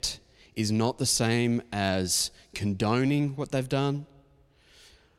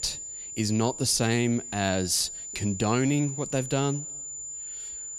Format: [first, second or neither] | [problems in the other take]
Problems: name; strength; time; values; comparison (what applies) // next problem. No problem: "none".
first | high-pitched whine; loud; throughout; 7 kHz, 9 dB below the speech